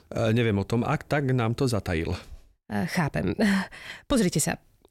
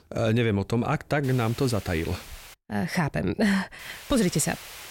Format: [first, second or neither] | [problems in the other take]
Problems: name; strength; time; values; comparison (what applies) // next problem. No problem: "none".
first | hiss; noticeable; from 1 to 2.5 s and from 4 s on; 15 dB below the speech